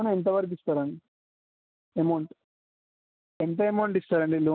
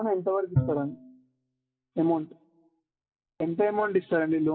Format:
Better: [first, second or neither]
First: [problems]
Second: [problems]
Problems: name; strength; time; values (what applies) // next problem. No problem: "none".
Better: first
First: none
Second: noise reduction (classical method WPE with log-MMSE)